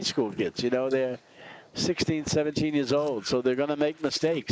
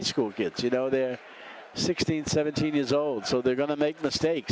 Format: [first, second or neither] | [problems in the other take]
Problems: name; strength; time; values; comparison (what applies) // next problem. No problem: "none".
second | noise reduction (neural mask model Resemble Enhance denoiser)